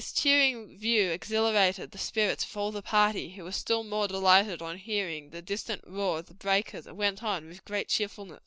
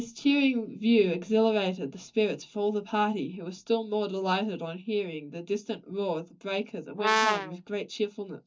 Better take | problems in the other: first | noise reduction (neural mask model DeepFilterNet 3)

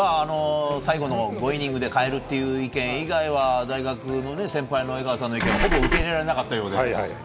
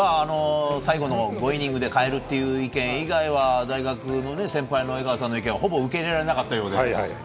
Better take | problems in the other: second | background sound (Engine / Car); 3 dB above the speech

